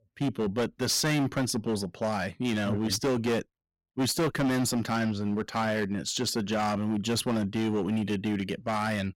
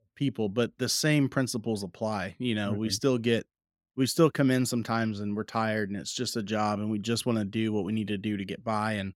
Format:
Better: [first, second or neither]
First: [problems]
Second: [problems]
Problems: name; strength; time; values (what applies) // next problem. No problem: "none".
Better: second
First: distortion; heavy; 14% of the sound clipped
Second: none